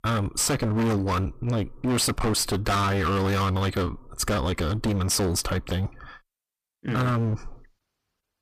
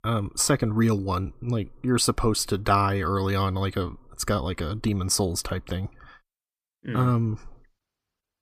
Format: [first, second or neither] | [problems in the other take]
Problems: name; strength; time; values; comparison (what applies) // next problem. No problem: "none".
second | distortion; heavy; 24% of the sound clipped